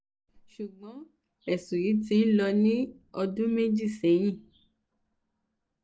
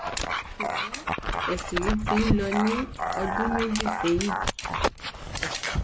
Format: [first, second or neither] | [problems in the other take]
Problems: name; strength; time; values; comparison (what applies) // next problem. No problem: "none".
first | background sound (Dog); 1 dB above the speech